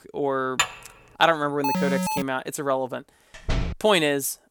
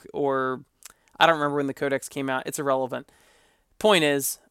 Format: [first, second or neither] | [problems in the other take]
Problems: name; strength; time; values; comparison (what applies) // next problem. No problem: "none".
second | clattering dishes; noticeable; at 0.5 s; peak 1 dB below the speech // alarm; noticeable; at 1.5 s; peak 1 dB below the speech // door banging; noticeable; at 3.5 s; peak 5 dB below the speech